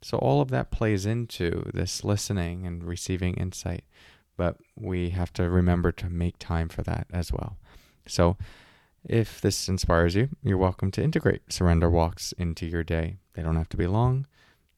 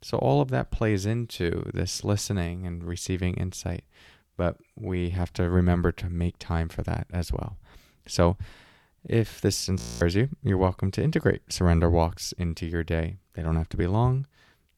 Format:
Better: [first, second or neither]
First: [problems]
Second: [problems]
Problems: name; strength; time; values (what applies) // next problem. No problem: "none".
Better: first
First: none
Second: audio freezing; at 10 s